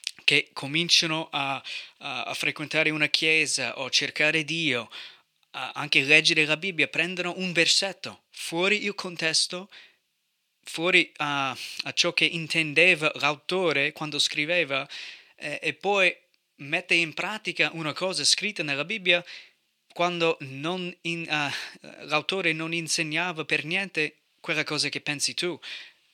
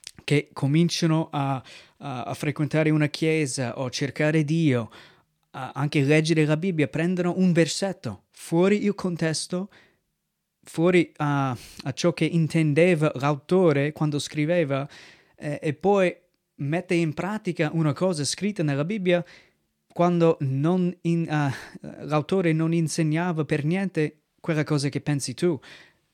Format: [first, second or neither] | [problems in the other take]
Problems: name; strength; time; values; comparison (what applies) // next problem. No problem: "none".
second | thin; somewhat; fading below 850 Hz